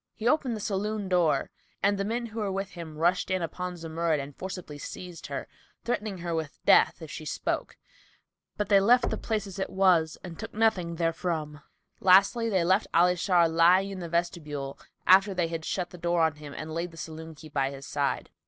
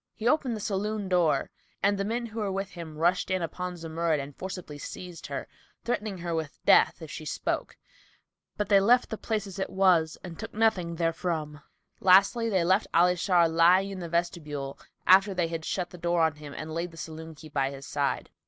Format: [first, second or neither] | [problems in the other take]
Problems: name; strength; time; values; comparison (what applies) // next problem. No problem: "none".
second | background sound (Knock); 11 dB below the speech